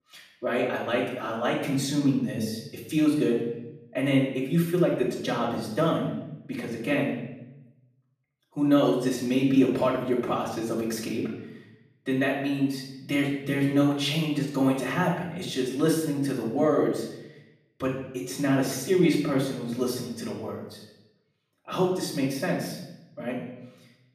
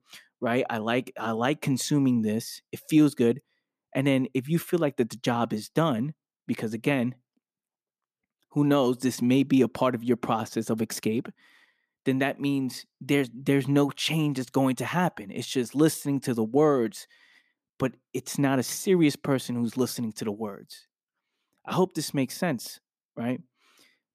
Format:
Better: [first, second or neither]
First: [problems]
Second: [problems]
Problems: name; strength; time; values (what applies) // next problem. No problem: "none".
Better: second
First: room echo; noticeable; dies away in 0.8 s // off-mic speech; far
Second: none